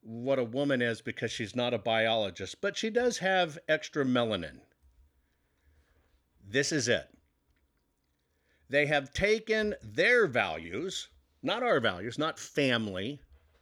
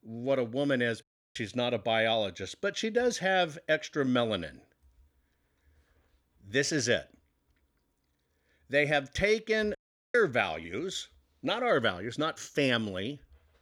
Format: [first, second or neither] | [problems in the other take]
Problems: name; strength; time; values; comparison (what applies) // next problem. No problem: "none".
first | audio cutting out; at 1 s and at 10 s